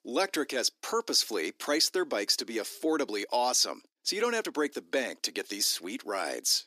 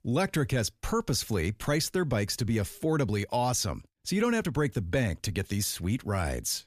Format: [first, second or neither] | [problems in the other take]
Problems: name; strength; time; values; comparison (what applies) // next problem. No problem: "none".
second | thin; somewhat; fading below 300 Hz